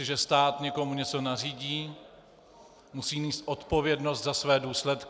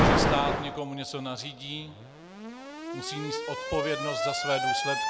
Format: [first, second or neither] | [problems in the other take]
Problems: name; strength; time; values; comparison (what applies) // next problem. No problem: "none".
first | background sound (Alarm); 4 dB above the speech